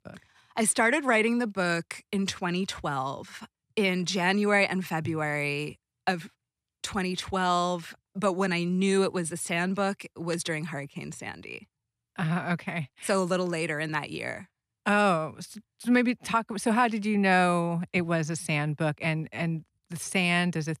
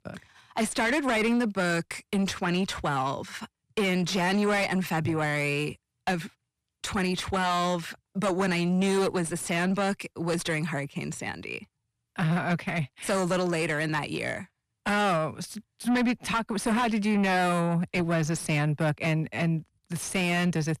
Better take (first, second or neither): first